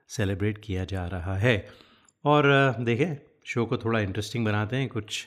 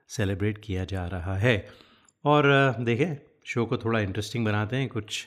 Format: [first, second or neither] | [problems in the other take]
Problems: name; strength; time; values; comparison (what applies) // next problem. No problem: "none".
neither | none